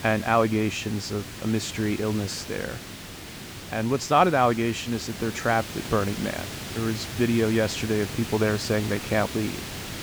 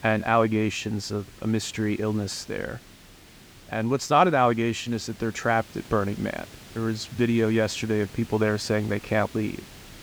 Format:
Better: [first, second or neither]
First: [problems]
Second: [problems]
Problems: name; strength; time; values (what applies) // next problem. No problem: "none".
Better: second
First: hiss; loud; throughout; 10 dB below the speech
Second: hiss; faint; throughout; 20 dB below the speech